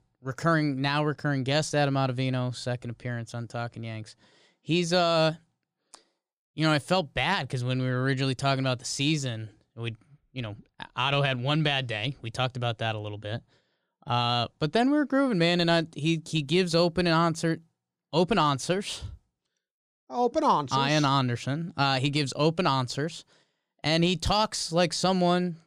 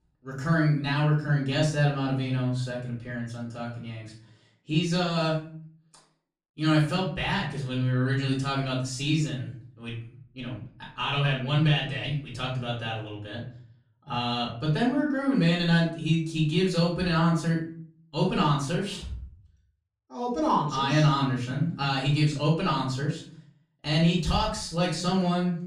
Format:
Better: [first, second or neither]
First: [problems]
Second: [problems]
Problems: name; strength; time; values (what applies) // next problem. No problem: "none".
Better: first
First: none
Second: off-mic speech; far // room echo; slight; dies away in 0.5 s